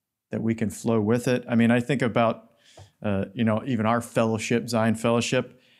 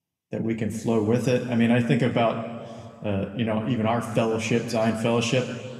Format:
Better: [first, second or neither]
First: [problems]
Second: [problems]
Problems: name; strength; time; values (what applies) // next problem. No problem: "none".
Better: first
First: none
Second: room echo; slight; dies away in 2.1 s